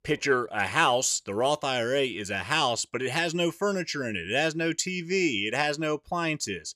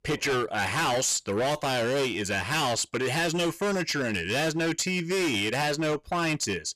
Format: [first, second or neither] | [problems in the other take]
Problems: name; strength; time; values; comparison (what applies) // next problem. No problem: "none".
first | distortion; heavy; 28% of the sound clipped